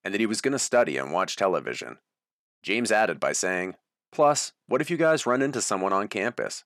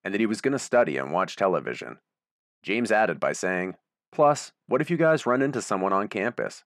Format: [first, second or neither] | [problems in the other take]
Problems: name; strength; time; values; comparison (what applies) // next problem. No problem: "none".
first | muffled; slightly; fading above 3 kHz